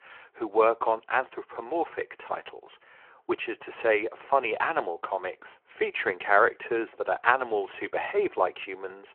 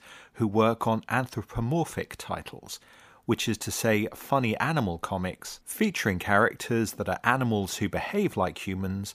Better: second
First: phone-call audio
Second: none

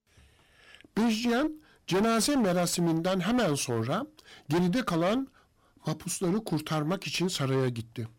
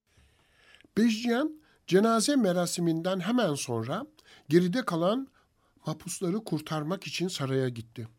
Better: second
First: distortion; heavy; 18% of the sound clipped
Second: none

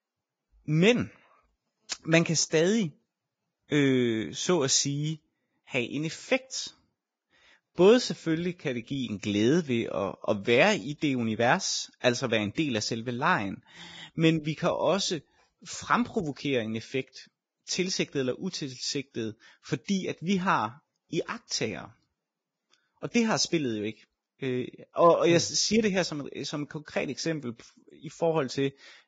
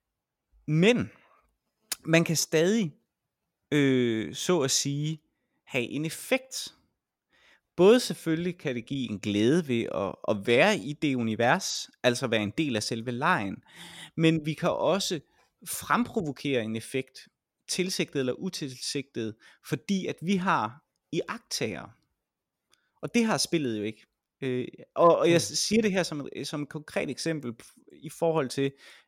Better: second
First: garbled, watery; badly; nothing above 7.5 kHz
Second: none

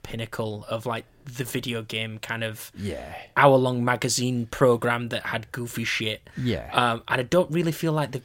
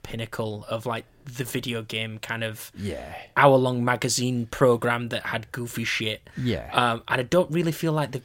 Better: neither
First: none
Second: none

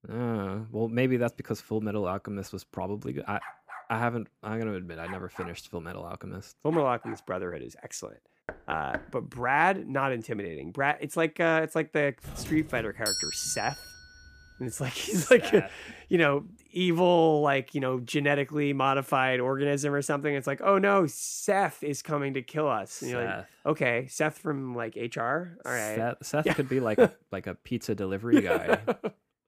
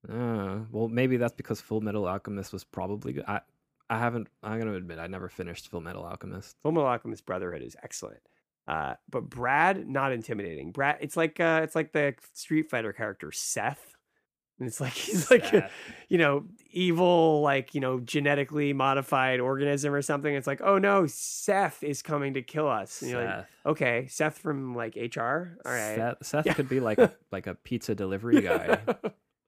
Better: second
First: dog barking; faint; from 3.5 to 7 s; peak 15 dB below the speech // door banging; noticeable; at 8.5 s; peak 9 dB below the speech // doorbell; noticeable; from 12 to 14 s; peak 1 dB below the speech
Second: none

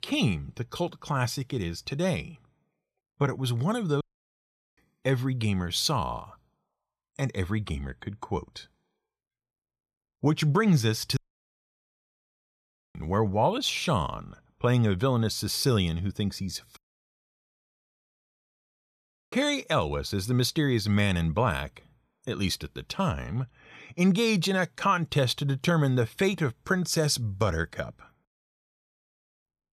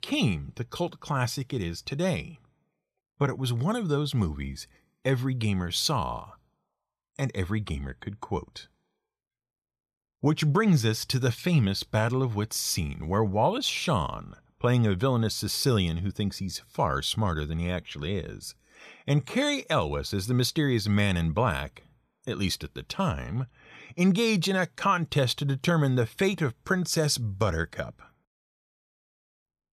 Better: second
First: audio cutting out; at 4 s for 1 s, at 11 s for 2 s and at 17 s for 2.5 s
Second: none

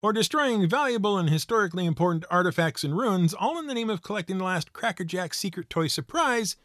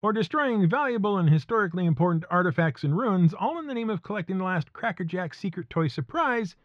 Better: first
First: none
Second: muffled; very; fading above 2 kHz

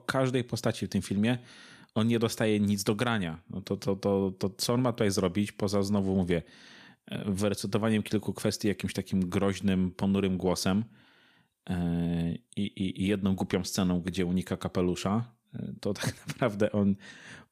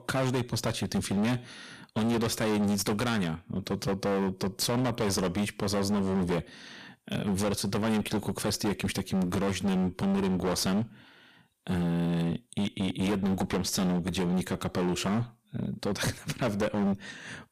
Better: first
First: none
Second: distortion; heavy; 23% of the sound clipped

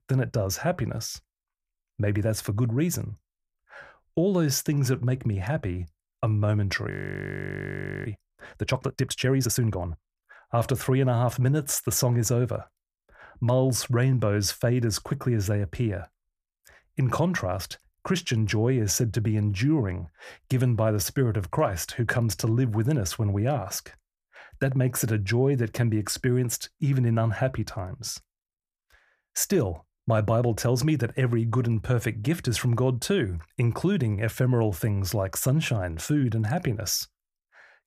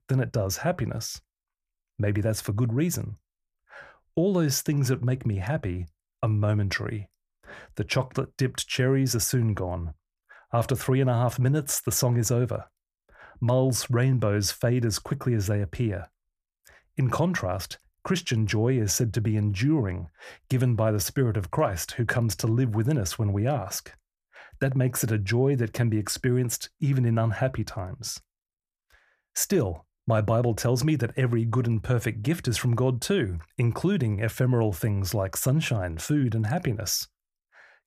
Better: second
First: audio freezing; at 7 s for 1 s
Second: none

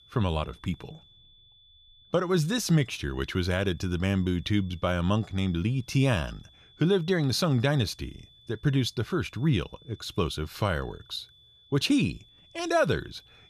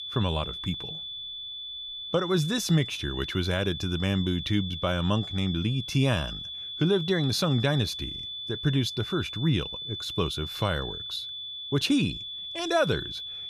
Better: first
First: high-pitched whine; faint; throughout; 3.5 kHz, 25 dB below the speech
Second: high-pitched whine; loud; throughout; 3.5 kHz, 7 dB below the speech

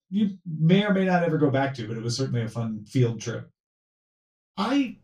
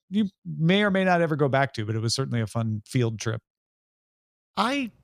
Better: second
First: room echo; very slight; dies away in 0.2 s // off-mic speech; far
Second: none

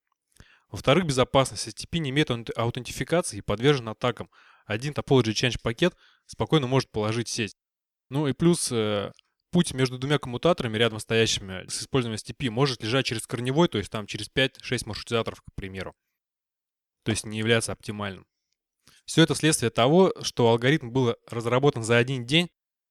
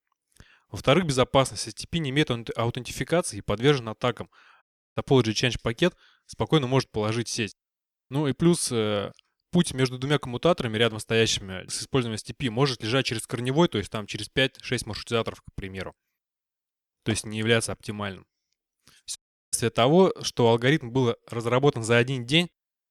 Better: first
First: none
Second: audio cutting out; at 4.5 s and at 19 s

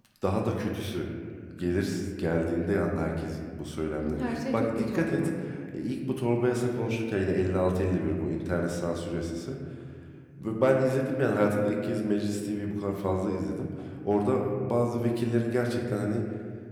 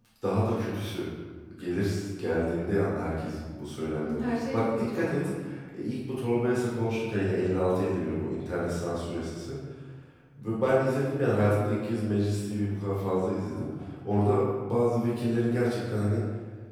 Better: first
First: room echo; slight; dies away in 1.9 s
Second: room echo; strong; dies away in 1.3 s // off-mic speech; far

